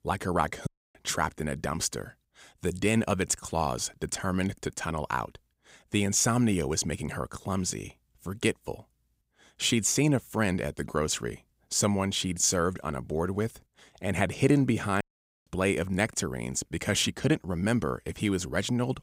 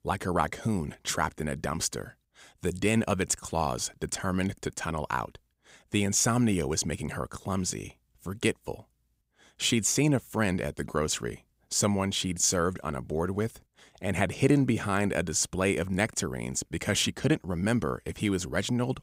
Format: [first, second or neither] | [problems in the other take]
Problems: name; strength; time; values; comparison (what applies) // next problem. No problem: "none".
second | audio cutting out; at 0.5 s and at 15 s